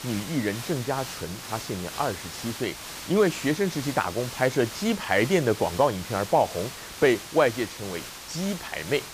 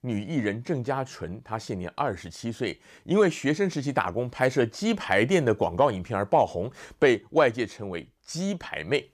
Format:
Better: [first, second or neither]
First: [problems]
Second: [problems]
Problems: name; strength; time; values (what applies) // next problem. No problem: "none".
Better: second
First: hiss; noticeable; throughout; 10 dB below the speech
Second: none